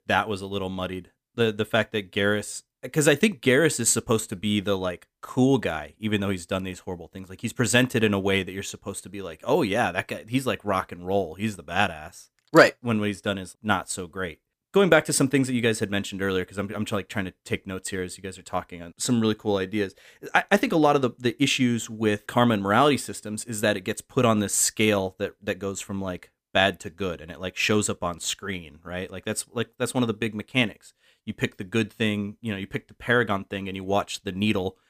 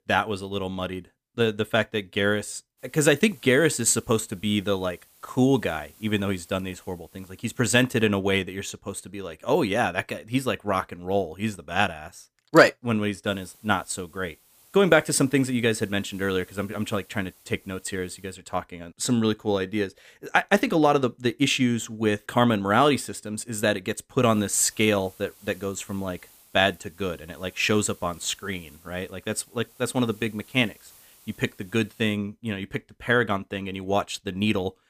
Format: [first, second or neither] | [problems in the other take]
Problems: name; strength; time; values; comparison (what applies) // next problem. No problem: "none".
first | hiss; faint; from 3 to 8 s, from 13 to 18 s and from 24 to 32 s; 25 dB below the speech